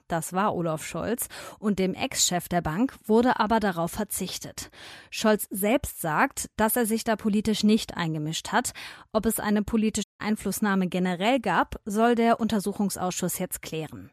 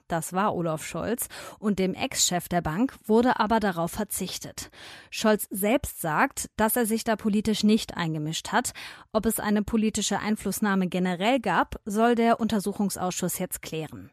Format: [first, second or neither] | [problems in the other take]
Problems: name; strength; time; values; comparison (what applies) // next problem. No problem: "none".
second | audio cutting out; at 10 s